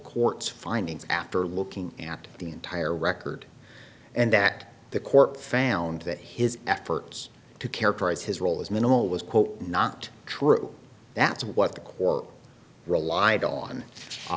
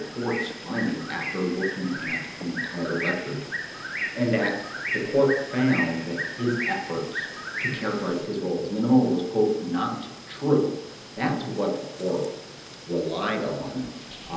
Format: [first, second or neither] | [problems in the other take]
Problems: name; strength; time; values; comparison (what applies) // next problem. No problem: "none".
first | background sound (Bird); 8 dB below the speech // room echo; dies away in 0.9 s